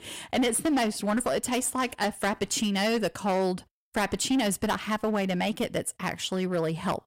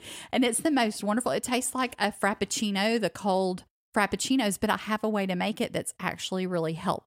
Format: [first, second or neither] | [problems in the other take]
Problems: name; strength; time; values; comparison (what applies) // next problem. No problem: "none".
second | distortion; slight; 9% of the sound clipped